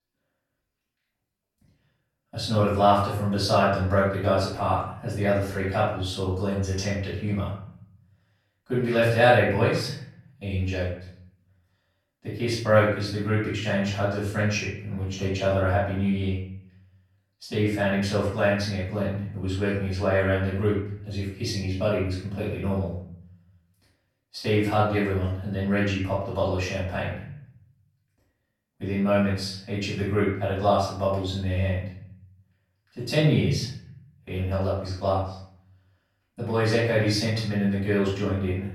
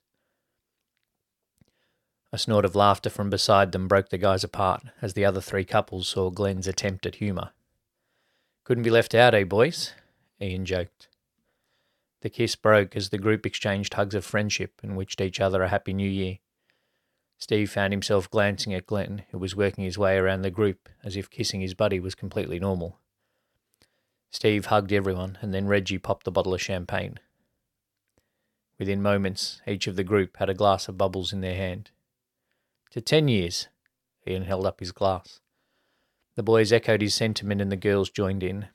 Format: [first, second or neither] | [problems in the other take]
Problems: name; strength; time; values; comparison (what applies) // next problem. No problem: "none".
second | off-mic speech; far // room echo; noticeable; dies away in 0.7 s